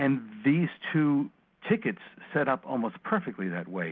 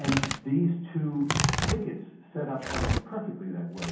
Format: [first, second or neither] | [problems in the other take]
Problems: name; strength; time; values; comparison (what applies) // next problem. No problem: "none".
first | background sound (Tearing); 1 dB below the speech // room echo; dies away in 0.7 s